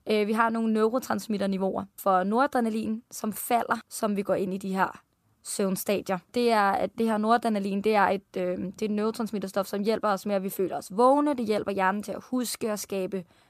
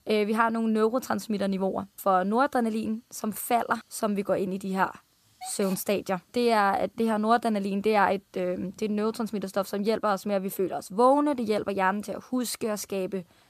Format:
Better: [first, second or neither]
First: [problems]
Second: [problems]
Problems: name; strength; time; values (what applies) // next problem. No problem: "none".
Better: first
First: none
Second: hiss; faint; throughout; 25 dB below the speech